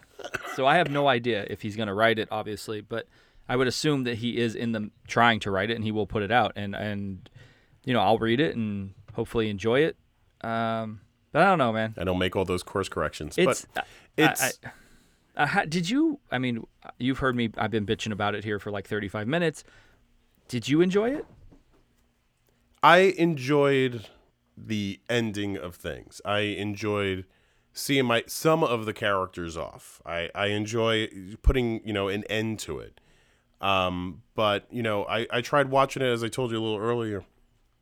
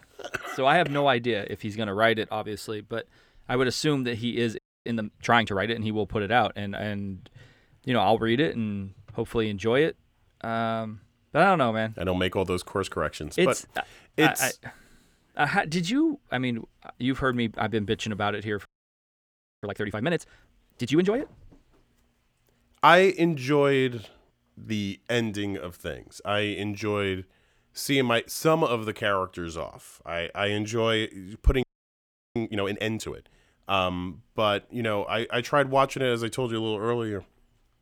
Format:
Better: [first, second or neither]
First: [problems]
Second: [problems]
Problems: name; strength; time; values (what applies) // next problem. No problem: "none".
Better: first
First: none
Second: audio freezing; at 4.5 s, at 19 s for 1 s and at 32 s for 0.5 s